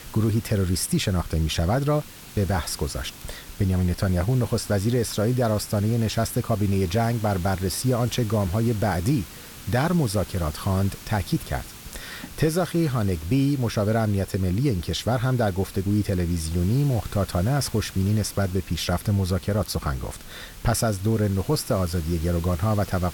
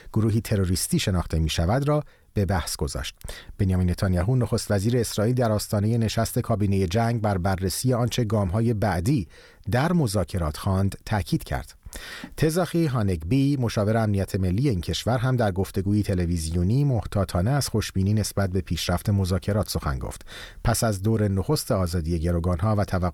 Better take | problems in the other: second | hiss; noticeable; throughout; 15 dB below the speech

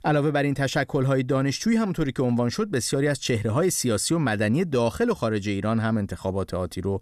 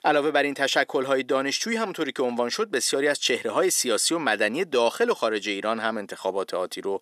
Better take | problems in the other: first | thin; somewhat; fading below 350 Hz

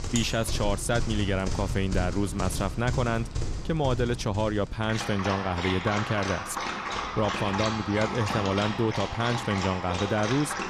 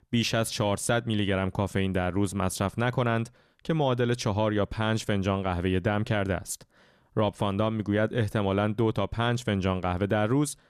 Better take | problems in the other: second | animal sounds; loud; throughout; 4 dB below the speech

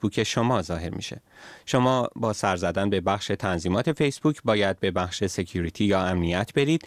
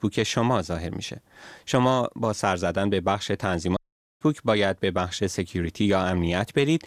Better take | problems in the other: first | audio cutting out; at 4 s

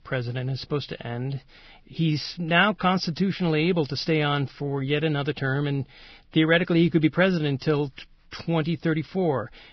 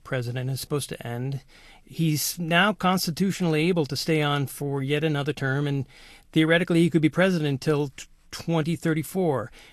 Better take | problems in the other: second | garbled, watery; badly; nothing above 5.5 kHz; slightly in the second

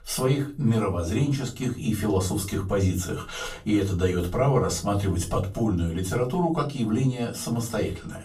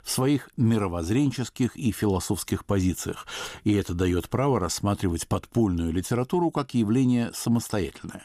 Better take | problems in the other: second | off-mic speech; far // room echo; very slight; dies away in 0.3 s

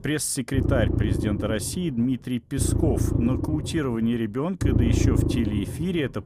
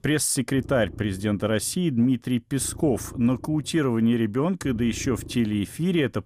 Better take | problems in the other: second | low rumble; loud; throughout; 3 dB below the speech; faint in the second

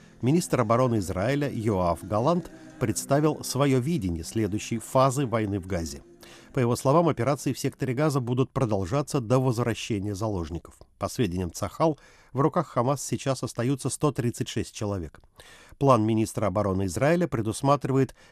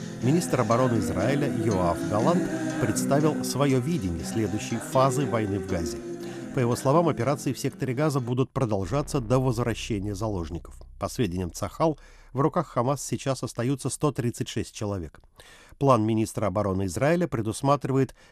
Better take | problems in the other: first | background music; loud; throughout; 6 dB below the speech; faint in the first

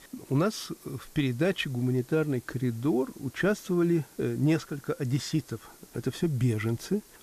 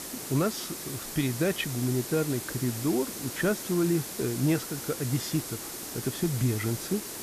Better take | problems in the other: first | hiss; loud; throughout; 6 dB below the speech; faint in the first

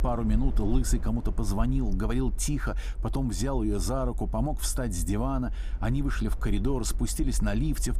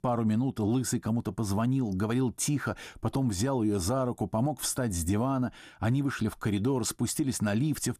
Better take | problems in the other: second | low rumble; noticeable; throughout; 20 dB below the speech

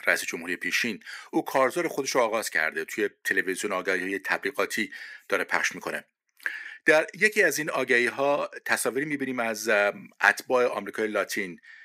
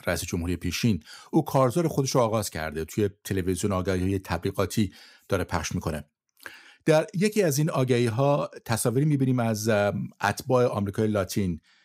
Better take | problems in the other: second | thin; somewhat; fading below 300 Hz

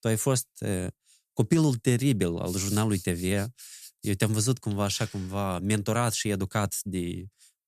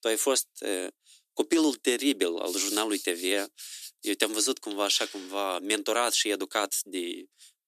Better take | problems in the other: first | thin; somewhat; fading below 300 Hz

